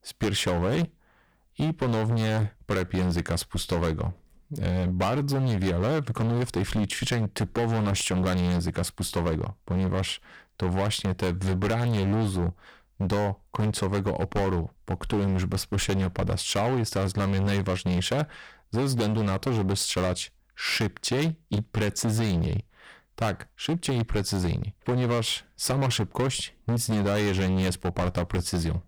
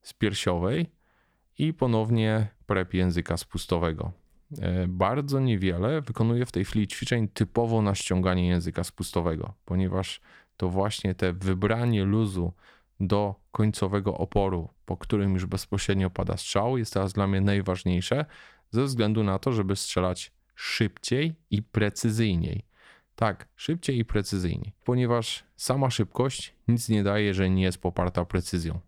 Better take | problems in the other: second | distortion; heavy; 19% of the sound clipped

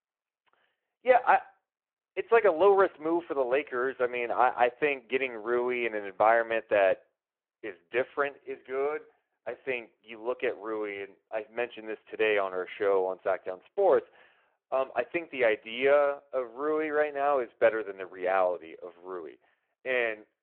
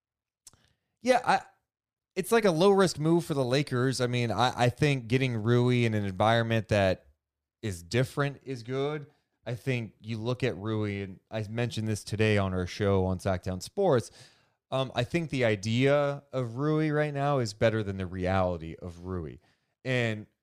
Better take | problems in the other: second | phone-call audio

